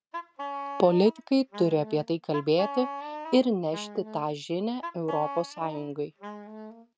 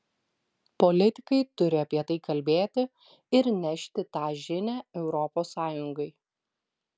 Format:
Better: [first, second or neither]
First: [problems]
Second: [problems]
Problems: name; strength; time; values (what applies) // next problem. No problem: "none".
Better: second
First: noise reduction (neural mask model RNNoise)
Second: none